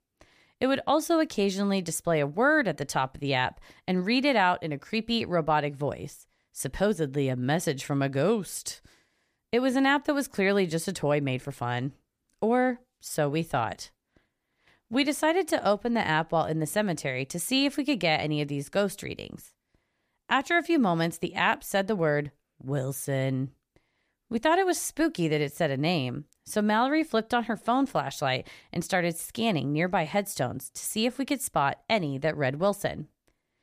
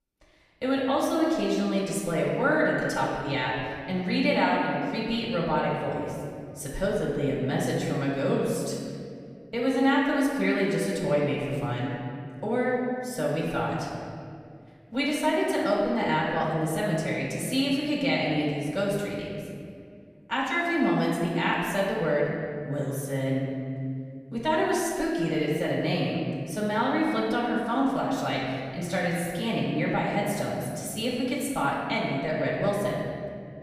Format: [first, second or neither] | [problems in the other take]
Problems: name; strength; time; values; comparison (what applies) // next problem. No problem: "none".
first | room echo; noticeable; dies away in 2.1 s // off-mic speech; far